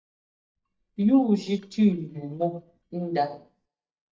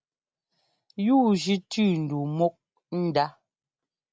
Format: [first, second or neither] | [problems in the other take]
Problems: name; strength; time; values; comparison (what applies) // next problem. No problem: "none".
second | noise reduction (neural mask model DeepFilterNet 3)